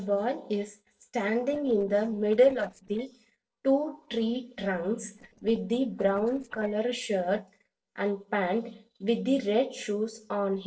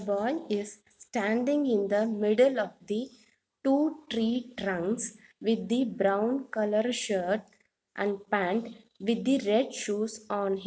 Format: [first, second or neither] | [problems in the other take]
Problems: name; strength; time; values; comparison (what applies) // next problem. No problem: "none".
second | noise reduction (neural separator model SepFormer DNS4)